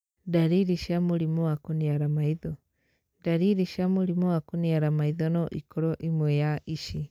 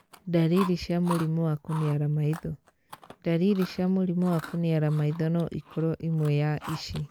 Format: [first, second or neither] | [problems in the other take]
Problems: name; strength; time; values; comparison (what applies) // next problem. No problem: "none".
first | background sound (Chewing, mastication); 17 dB below the speech